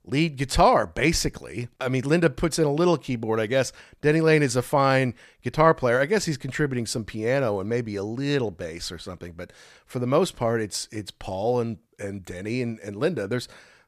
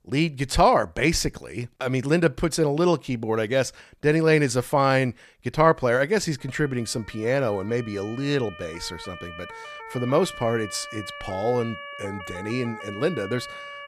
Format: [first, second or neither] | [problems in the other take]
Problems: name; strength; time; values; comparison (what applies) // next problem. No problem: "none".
first | siren; faint; from 6.5 s on; peak 10 dB below the speech